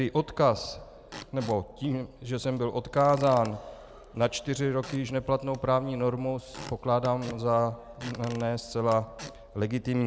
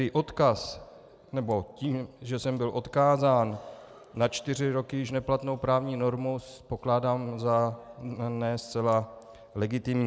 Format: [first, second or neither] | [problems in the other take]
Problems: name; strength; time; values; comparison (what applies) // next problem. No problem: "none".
second | background sound (Squeak / Wood); 19 dB below the speech